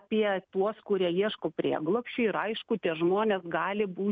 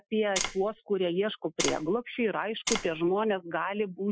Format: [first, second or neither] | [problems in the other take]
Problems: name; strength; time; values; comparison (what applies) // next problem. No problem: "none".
first | noise reduction (classical method Wiener filter)